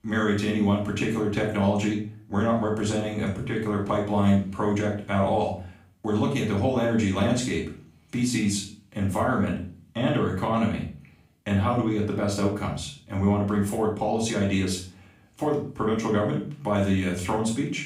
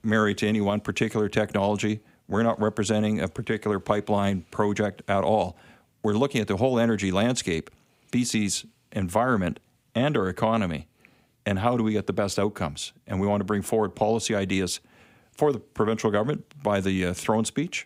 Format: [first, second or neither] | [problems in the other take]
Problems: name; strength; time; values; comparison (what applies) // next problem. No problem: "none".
second | off-mic speech; far // room echo; noticeable; dies away in 0.4 s